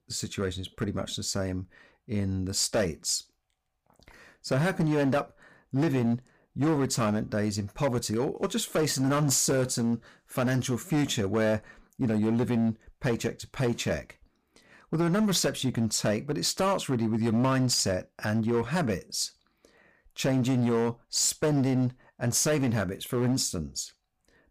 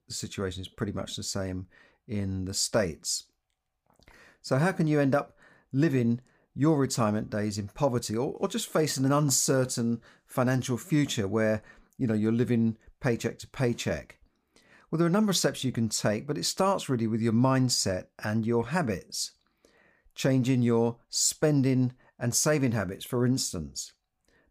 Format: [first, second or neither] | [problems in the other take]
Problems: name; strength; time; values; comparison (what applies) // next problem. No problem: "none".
second | distortion; slight; 9% of the sound clipped